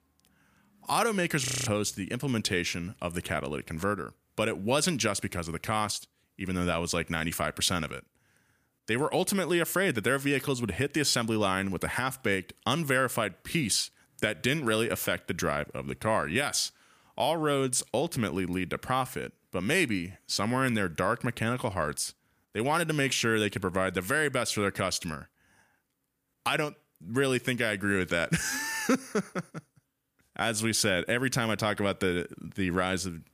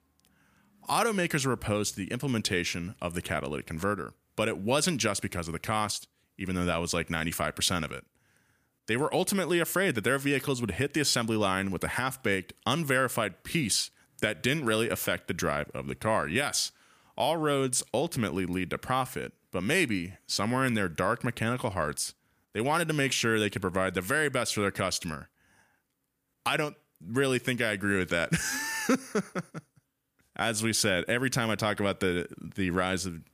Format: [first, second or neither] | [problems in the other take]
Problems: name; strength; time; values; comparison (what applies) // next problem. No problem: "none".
second | audio freezing; at 1.5 s